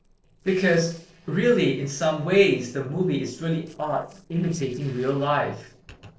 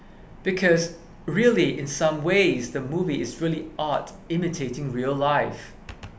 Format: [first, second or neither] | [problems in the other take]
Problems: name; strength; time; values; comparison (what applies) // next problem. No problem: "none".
second | noise reduction (neural separator model SepFormer DNS4)